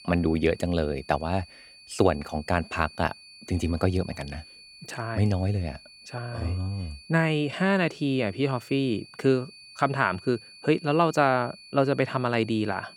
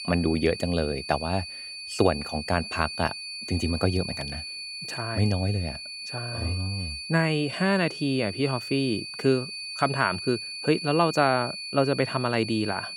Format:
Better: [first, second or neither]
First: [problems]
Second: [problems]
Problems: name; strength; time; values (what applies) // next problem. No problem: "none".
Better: first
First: high-pitched whine; faint; throughout; 4.5 kHz, 20 dB below the speech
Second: high-pitched whine; loud; throughout; 4.5 kHz, 7 dB below the speech